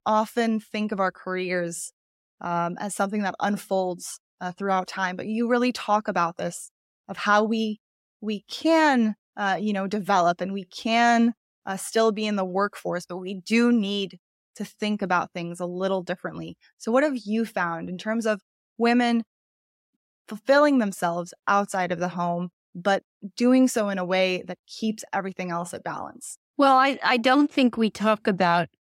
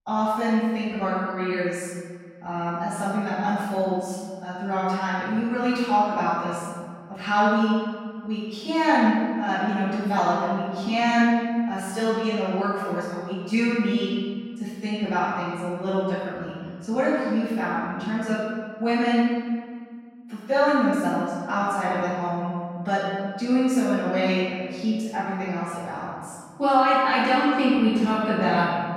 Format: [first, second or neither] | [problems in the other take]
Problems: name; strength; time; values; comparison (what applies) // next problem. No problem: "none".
first | off-mic speech; far // room echo; strong; dies away in 1.8 s